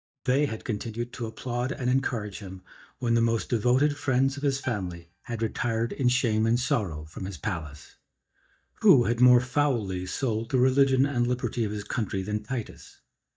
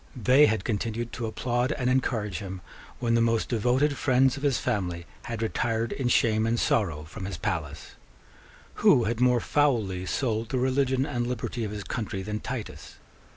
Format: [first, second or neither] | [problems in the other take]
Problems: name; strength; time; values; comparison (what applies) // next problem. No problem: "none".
second | noise reduction (neural mask model DeepFilterNet 3)